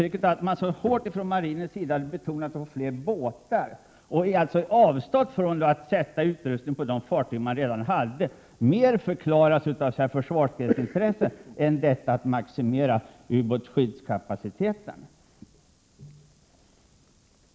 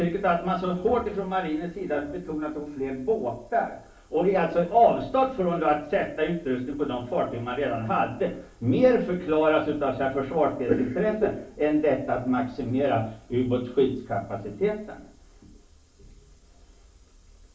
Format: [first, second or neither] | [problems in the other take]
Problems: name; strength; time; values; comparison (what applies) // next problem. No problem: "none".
first | room echo; dies away in 0.4 s